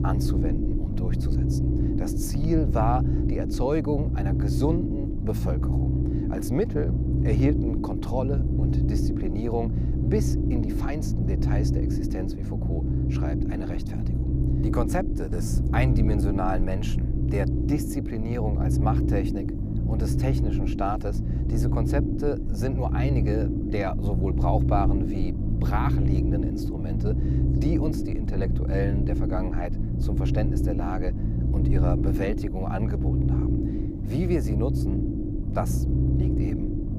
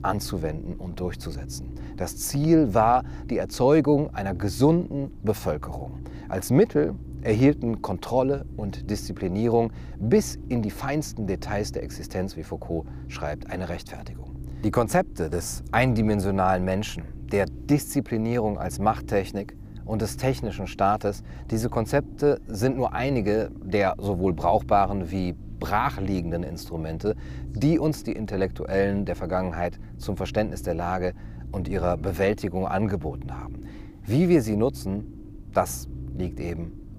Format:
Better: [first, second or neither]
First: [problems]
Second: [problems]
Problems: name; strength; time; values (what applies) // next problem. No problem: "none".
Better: second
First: low rumble; loud; throughout; 2 dB below the speech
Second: low rumble; faint; throughout; 20 dB below the speech